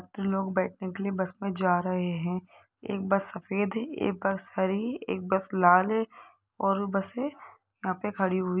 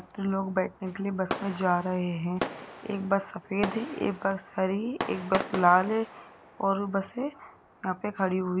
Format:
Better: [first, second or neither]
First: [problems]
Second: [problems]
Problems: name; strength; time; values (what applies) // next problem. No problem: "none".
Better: first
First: none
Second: background sound (Fireworks); 11 dB below the speech